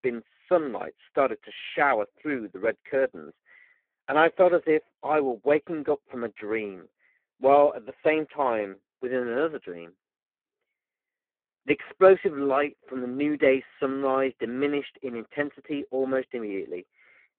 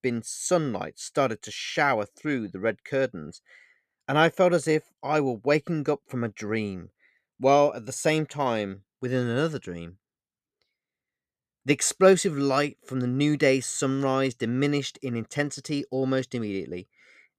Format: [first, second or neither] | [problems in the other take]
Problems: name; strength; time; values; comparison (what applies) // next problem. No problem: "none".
second | phone-call audio; poor line